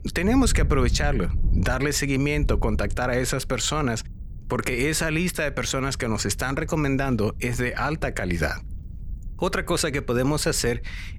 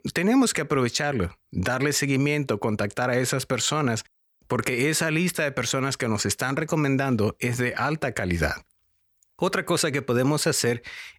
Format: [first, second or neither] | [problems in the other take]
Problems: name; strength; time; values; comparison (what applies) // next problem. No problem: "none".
second | wind noise on the microphone; occasional gusts; 25 dB below the speech